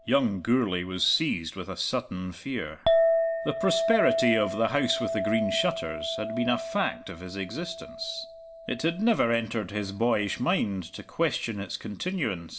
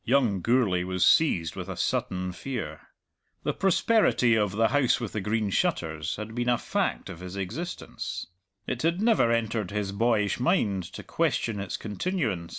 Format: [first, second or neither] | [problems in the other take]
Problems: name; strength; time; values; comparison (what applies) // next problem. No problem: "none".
second | background sound (Chink, clink); 4 dB below the speech // room echo; dies away in 0.4 s